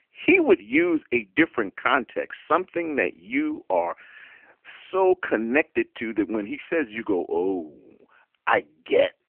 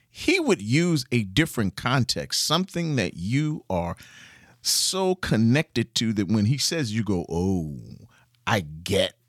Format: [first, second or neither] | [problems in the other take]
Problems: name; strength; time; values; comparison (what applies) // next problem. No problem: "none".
second | phone-call audio; poor line